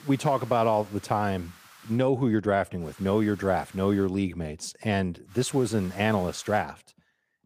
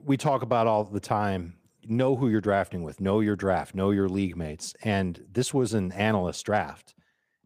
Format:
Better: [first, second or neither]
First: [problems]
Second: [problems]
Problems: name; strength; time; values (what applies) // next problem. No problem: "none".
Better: second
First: hiss; faint; until 2 s, from 3 to 4 s and from 5.5 to 6.5 s; 25 dB below the speech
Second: none